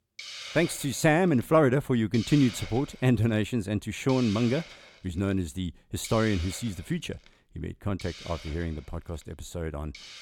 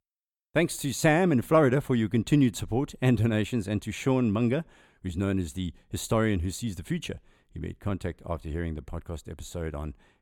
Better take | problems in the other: second | hiss; noticeable; throughout; 15 dB below the speech

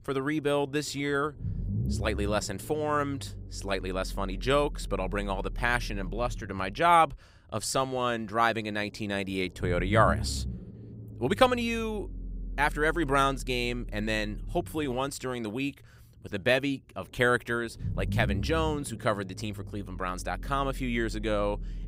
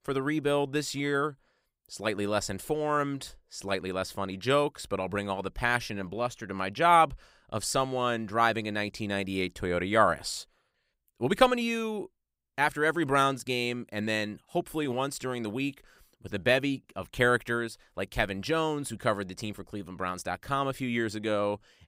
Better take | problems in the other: second | low rumble; faint; throughout; 20 dB below the speech

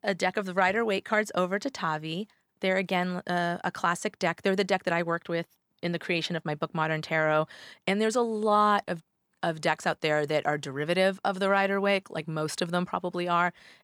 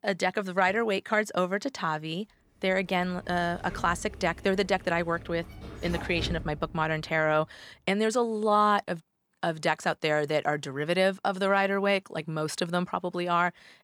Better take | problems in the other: first | door banging; noticeable; from 3 to 7 s; peak 8 dB below the speech

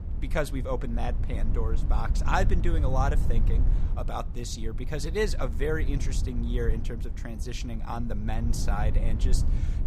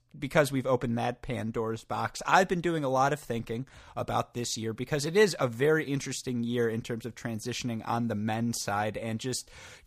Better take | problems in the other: second | low rumble; noticeable; throughout; 10 dB below the speech

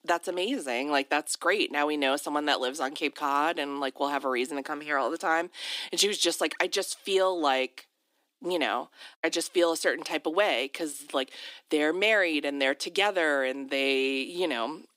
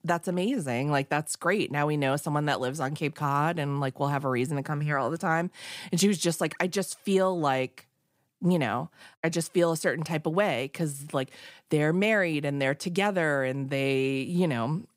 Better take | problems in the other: second | thin; somewhat; fading below 300 Hz

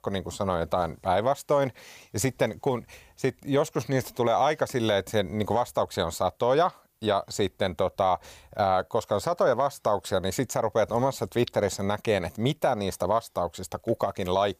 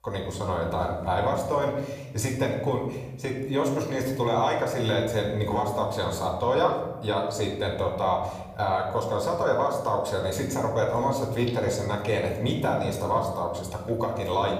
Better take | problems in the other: first | off-mic speech; somewhat distant // room echo; noticeable; dies away in 1.3 s

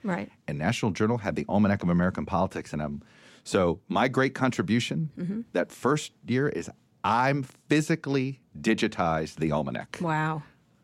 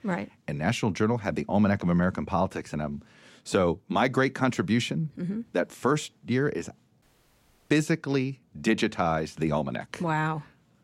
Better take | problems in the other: first | audio cutting out; at 7 s for 0.5 s

